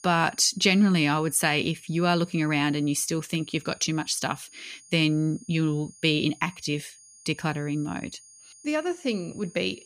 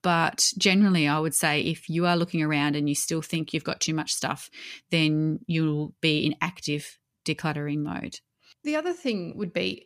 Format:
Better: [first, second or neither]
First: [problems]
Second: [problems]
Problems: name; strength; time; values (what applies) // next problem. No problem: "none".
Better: second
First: high-pitched whine; faint; throughout; 6.5 kHz, 25 dB below the speech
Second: none